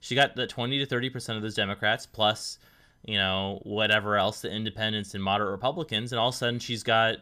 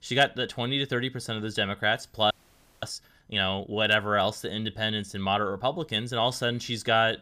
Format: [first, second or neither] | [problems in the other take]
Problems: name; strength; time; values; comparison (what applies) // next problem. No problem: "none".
first | audio freezing; at 2.5 s for 0.5 s